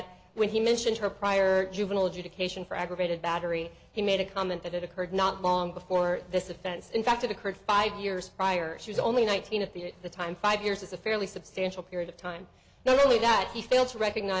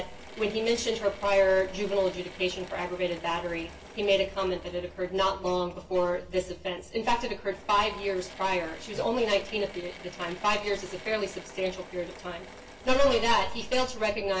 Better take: first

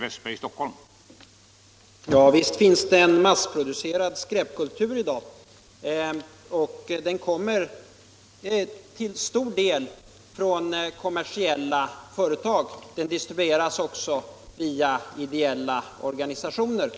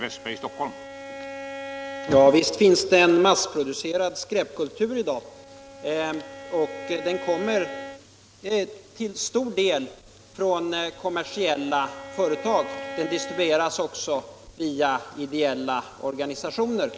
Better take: first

